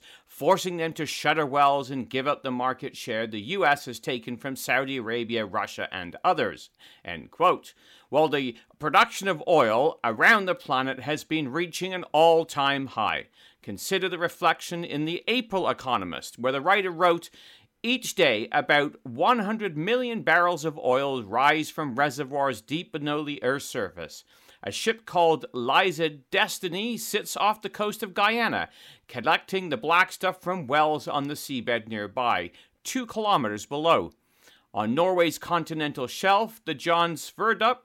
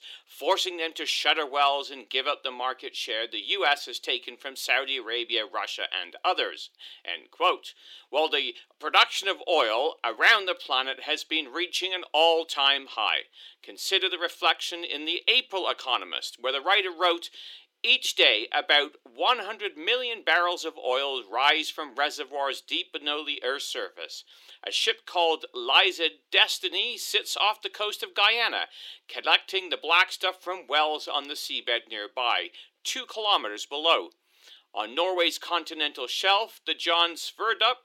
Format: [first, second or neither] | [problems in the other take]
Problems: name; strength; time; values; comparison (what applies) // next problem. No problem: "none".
first | thin; very; fading below 350 Hz